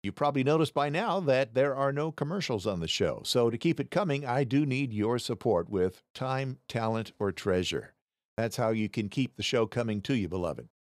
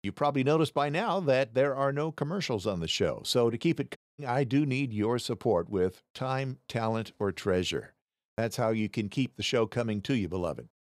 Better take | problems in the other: first | audio cutting out; at 4 s

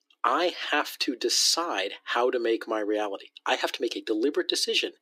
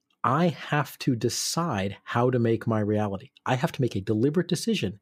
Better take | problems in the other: second | thin; somewhat; fading below 300 Hz

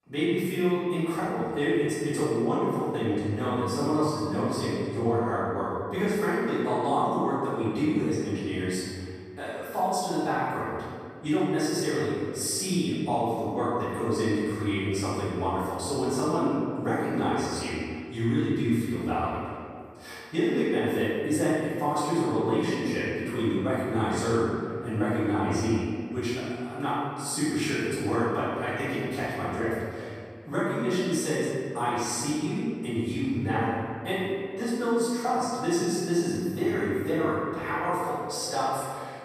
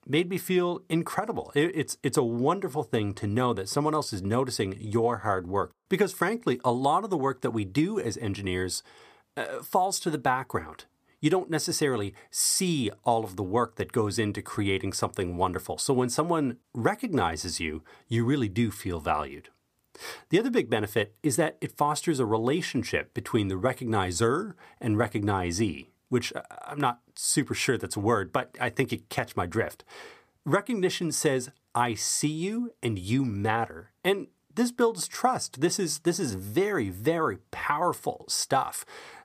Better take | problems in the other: second | room echo; strong; dies away in 2 s // off-mic speech; far

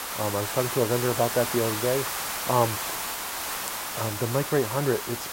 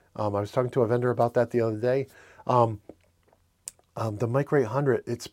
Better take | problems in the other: second | hiss; loud; throughout; 3 dB below the speech

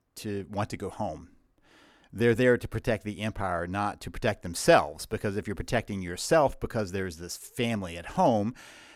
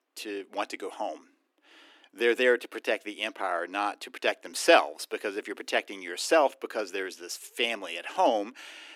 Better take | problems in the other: first | thin; somewhat; fading below 300 Hz

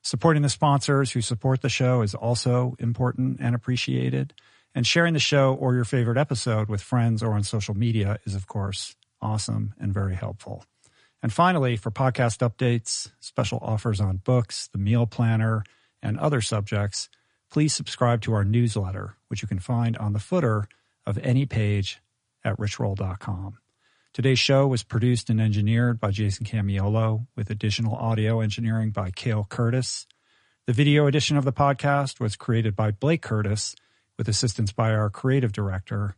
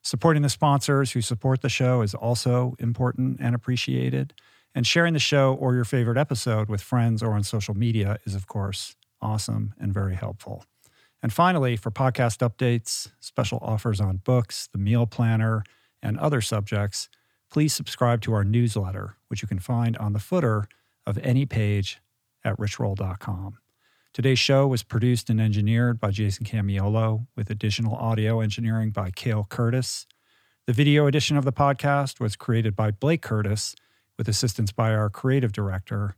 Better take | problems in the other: second | garbled, watery; slightly; nothing above 9.5 kHz

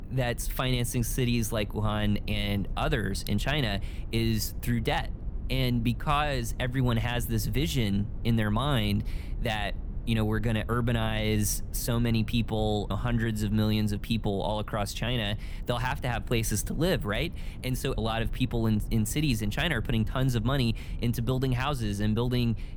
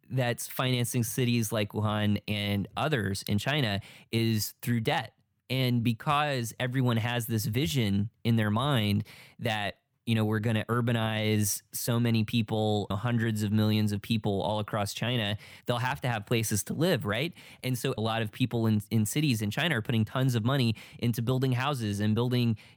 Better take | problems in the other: second | low rumble; faint; throughout; 20 dB below the speech

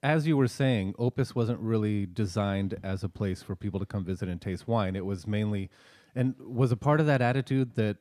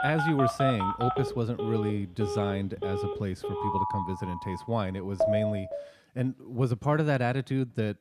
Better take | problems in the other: first | alarms or sirens; loud; until 5 s; 2 dB below the speech

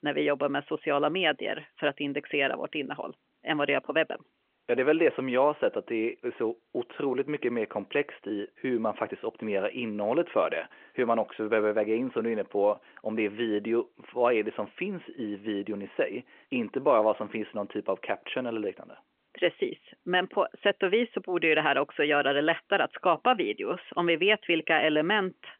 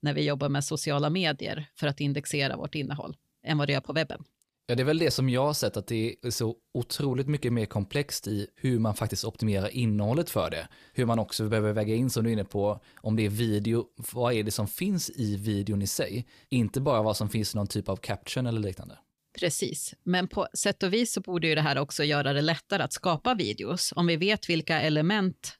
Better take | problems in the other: second | phone-call audio; nothing above 3 kHz

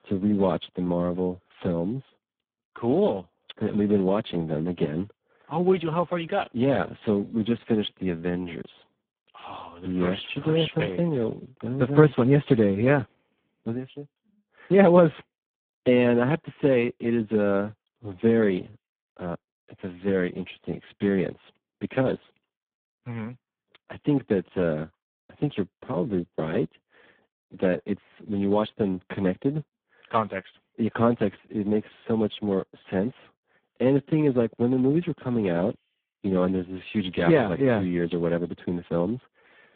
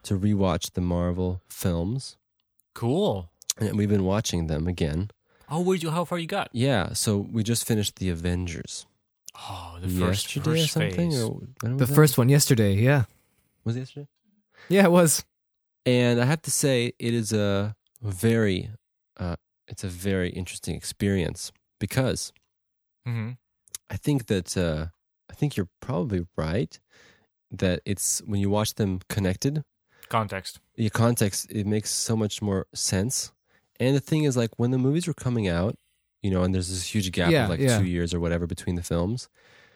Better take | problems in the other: second | phone-call audio; poor line

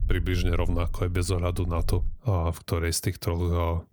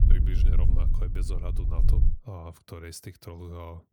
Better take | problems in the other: first | low rumble; loud; until 2 s; 1 dB below the speech; faint in the first

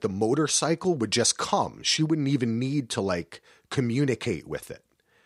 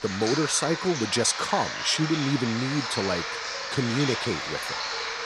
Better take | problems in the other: first | rain or running water; loud; throughout; 4 dB below the speech

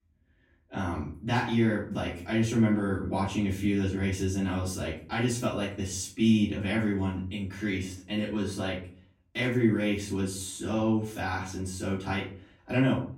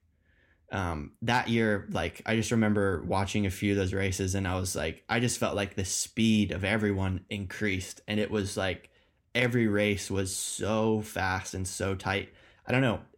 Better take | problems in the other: second | off-mic speech; far // room echo; slight; dies away in 0.4 s

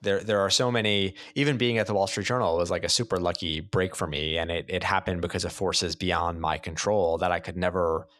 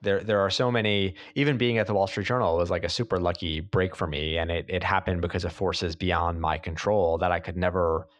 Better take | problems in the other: first | muffled; slightly; fading above 3.5 kHz

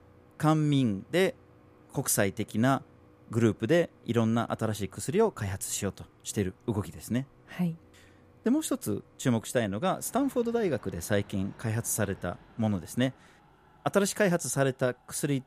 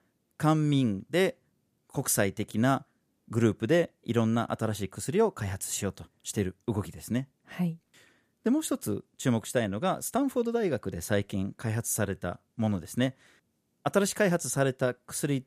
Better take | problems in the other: second | machinery noise; faint; throughout; 25 dB below the speech

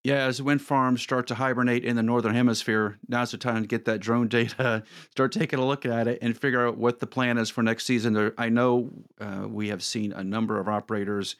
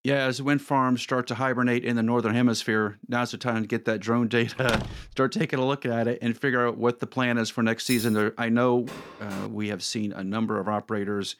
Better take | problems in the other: first | door banging; noticeable; at 4.5 s; peak 5 dB below the speech // jangling keys; noticeable; at 8 s; peak 7 dB below the speech // door banging; faint; at 9 s; peak 15 dB below the speech

